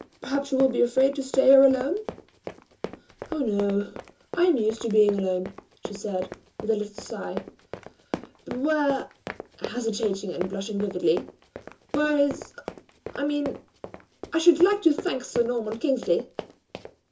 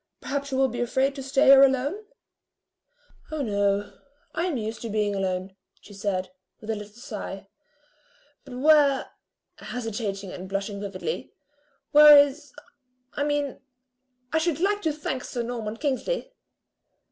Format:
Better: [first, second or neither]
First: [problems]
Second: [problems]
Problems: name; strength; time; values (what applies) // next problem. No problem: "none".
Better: second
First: background sound (Run); 14 dB below the speech // room echo; dies away in 0.2 s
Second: none